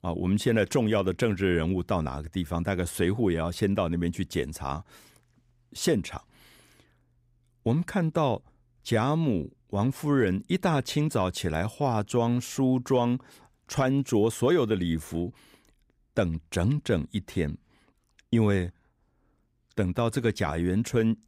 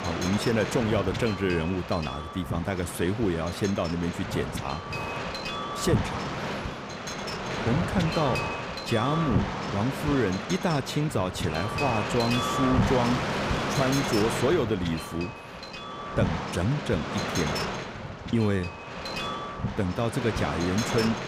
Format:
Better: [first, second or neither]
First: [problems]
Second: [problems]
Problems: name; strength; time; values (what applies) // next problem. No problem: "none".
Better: first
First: none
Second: wind noise on the microphone; heavy; as loud as the speech